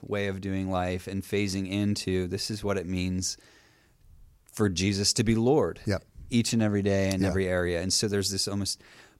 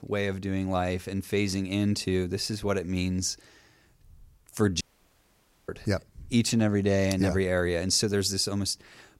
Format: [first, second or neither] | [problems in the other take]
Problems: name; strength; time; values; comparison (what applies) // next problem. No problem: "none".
first | audio cutting out; at 5 s for 1 s